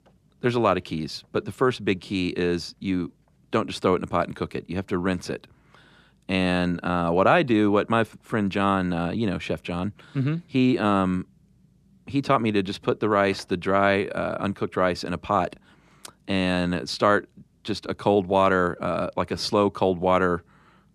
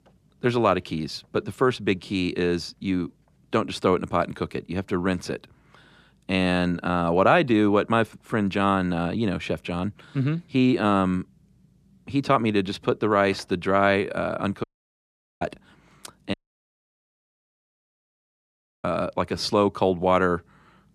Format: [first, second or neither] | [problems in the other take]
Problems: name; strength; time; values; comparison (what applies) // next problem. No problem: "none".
first | audio cutting out; at 15 s for 1 s and at 16 s for 2.5 s